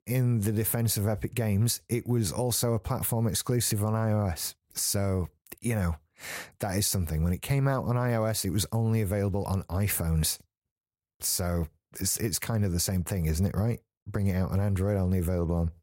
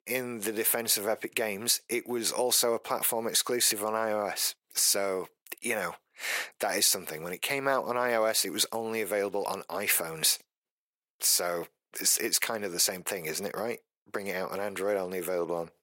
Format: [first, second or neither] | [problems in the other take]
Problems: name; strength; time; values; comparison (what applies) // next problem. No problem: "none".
first | thin; very; fading below 350 Hz